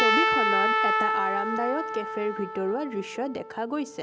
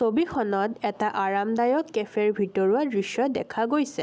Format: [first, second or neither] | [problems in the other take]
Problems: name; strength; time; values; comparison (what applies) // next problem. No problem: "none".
second | background sound (Trumpet); 3 dB above the speech